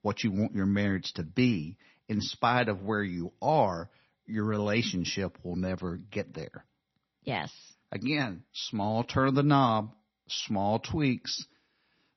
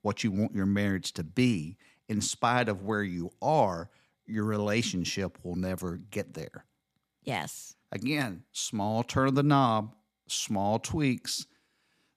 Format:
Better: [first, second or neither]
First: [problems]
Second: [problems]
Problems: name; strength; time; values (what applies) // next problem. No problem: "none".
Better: second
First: garbled, watery; slightly; nothing above 6 kHz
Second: none